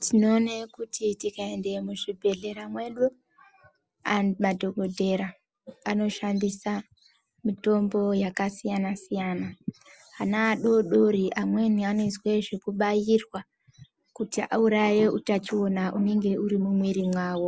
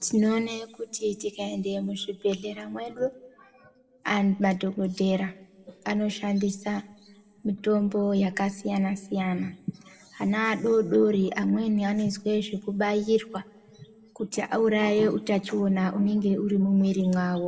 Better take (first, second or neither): first